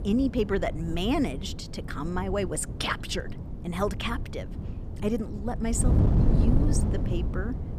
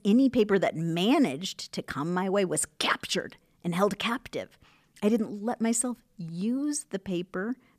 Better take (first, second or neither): second